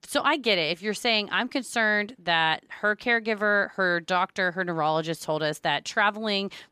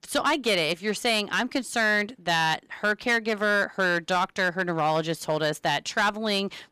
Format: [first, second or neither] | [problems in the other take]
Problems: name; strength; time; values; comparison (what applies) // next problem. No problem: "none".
first | distortion; slight; 6% of the sound clipped